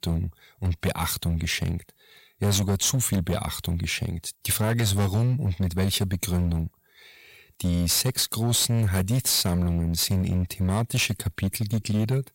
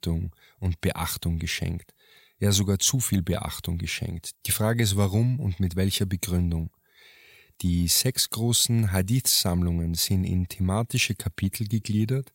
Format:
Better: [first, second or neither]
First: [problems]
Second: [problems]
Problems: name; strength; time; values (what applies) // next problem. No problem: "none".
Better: second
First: distortion; slight; 12% of the sound clipped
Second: none